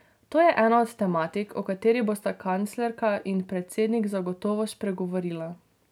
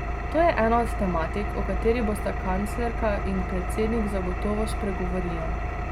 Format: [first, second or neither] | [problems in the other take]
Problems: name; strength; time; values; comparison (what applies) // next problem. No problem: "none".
first | background sound (Engine); 1 dB below the speech